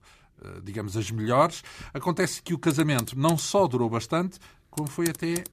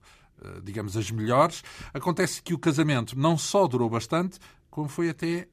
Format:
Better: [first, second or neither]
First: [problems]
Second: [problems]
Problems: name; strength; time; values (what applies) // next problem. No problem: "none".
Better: second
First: keyboard typing; noticeable; from 2.5 s on; peak 8 dB below the speech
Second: none